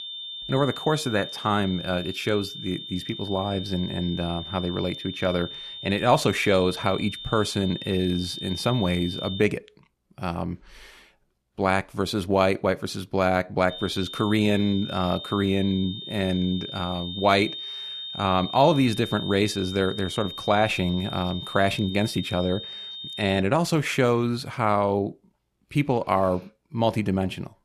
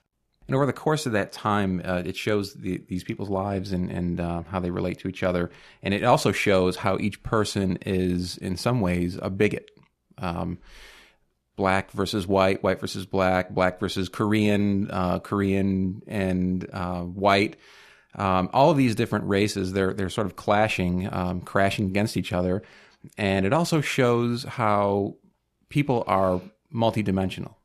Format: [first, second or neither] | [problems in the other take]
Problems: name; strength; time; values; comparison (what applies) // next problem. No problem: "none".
second | high-pitched whine; loud; until 9.5 s and from 14 to 23 s; 3.5 kHz, 9 dB below the speech